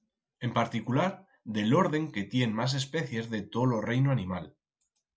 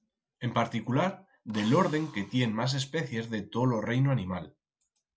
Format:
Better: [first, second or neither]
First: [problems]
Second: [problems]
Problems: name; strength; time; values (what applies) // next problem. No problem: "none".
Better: first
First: none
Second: background sound (Drill); 20 dB below the speech